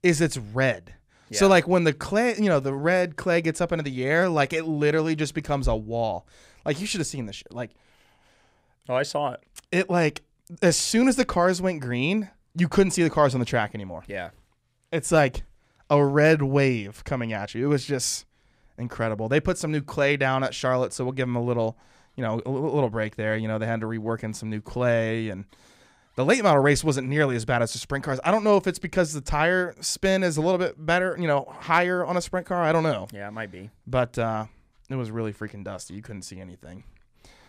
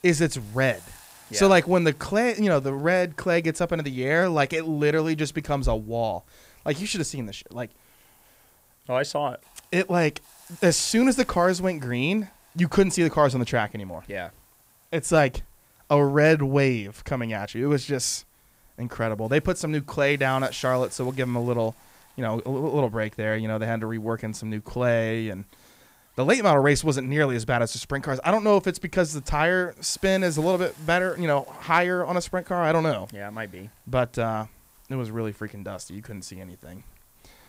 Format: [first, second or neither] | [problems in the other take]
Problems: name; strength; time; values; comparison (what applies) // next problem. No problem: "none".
first | hiss; faint; throughout; 30 dB below the speech